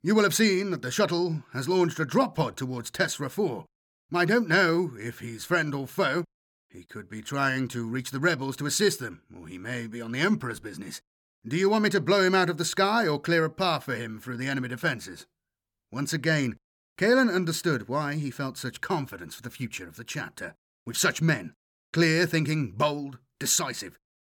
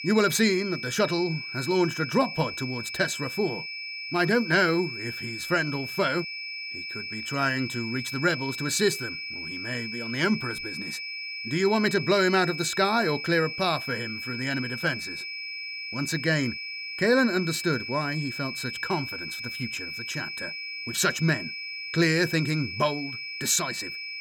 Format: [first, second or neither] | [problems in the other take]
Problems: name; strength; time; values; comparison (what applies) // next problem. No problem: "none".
first | high-pitched whine; loud; throughout; 2.5 kHz, 6 dB below the speech